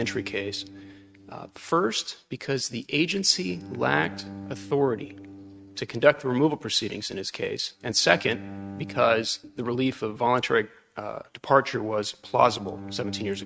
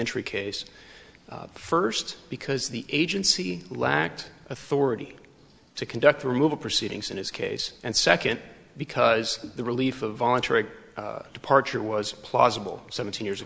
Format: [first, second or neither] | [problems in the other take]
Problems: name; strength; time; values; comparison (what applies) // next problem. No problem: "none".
second | noise reduction (neural mask model RNNoise)